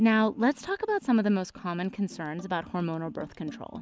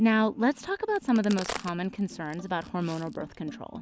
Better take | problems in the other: first | background sound (Crack); 15 dB below the speech

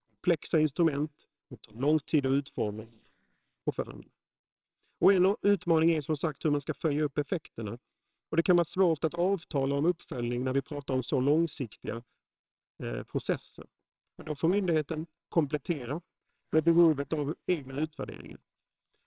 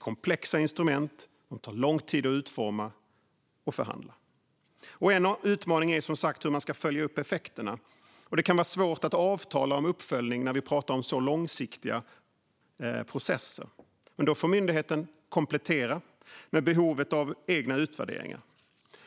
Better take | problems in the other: second | noise reduction (neural separator model SepFormer WHAMR!)

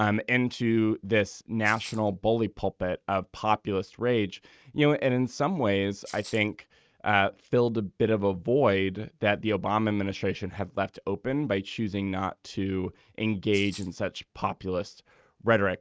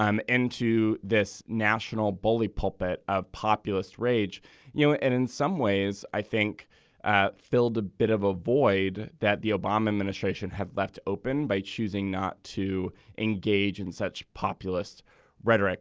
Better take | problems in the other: second | noise reduction (neural mask model RNNoise)

